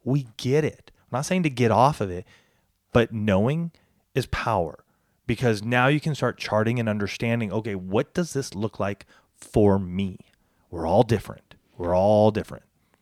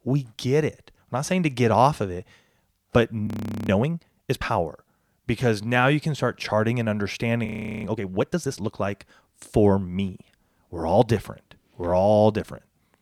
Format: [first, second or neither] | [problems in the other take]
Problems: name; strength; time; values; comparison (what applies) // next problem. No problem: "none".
first | audio freezing; at 3.5 s and at 7.5 s